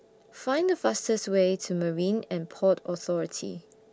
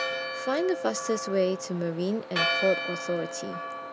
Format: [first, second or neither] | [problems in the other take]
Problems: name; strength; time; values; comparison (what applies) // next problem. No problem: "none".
first | background sound (Church bell); 3 dB below the speech